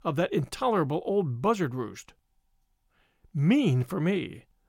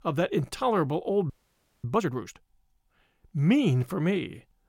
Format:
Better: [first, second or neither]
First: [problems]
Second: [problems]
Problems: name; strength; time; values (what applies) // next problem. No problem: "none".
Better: first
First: none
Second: audio freezing; at 1.5 s for 0.5 s